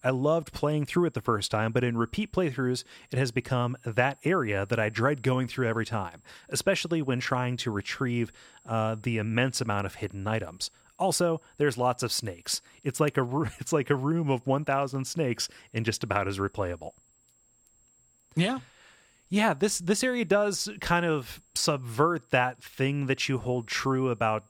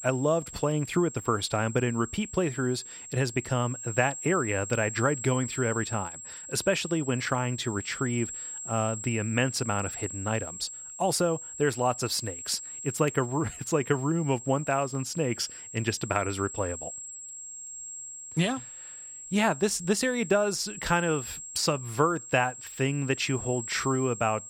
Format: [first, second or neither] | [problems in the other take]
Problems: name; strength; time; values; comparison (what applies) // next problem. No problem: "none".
first | high-pitched whine; loud; throughout; 7.5 kHz, 10 dB below the speech; faint in the first